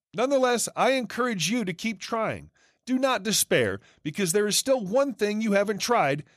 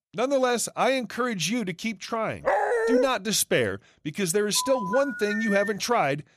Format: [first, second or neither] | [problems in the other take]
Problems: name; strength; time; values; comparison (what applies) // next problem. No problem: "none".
first | dog barking; loud; at 2.5 s; peak 2 dB above the speech // phone ringing; noticeable; from 4.5 to 5.5 s; peak 4 dB below the speech